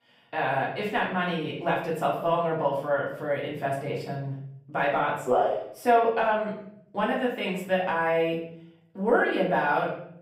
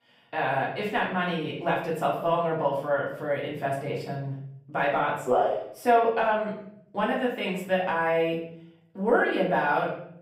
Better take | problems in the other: neither | room echo; noticeable; dies away in 0.6 s; the same in both // off-mic speech; far; the same in both

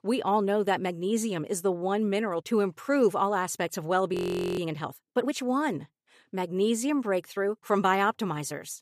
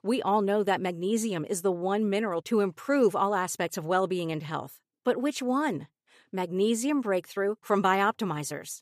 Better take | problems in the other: second | audio freezing; at 4 s

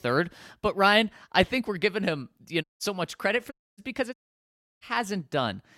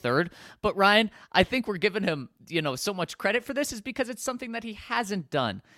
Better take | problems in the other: second | audio cutting out; at 2.5 s, at 3.5 s and at 4 s for 0.5 s

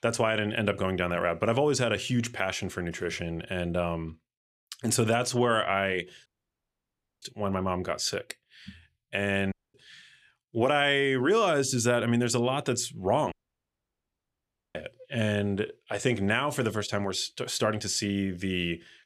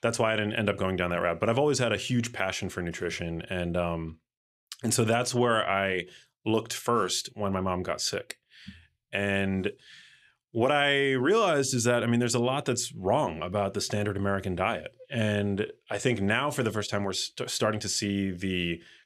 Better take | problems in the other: second | audio cutting out; at 6.5 s for 1 s, at 9.5 s and at 13 s for 1.5 s

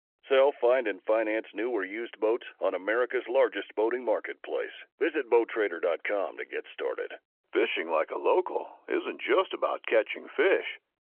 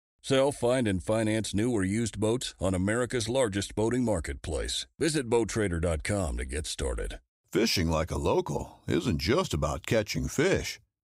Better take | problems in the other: second | phone-call audio

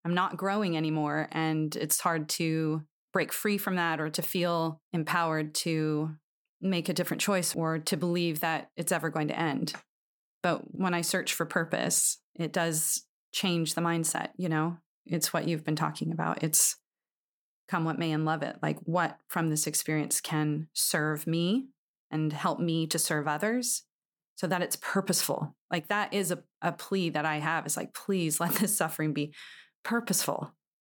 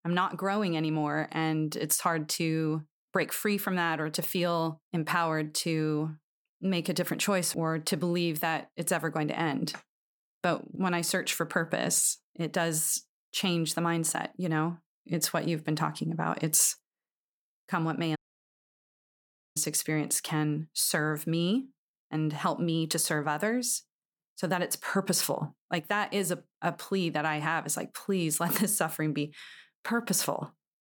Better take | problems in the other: first | audio cutting out; at 18 s for 1.5 s

